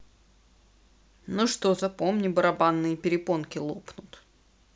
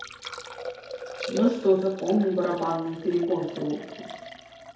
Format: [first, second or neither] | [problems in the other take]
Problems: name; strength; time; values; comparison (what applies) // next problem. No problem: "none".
first | background sound (Liquid); 10 dB below the speech // room echo; dies away in 2.4 s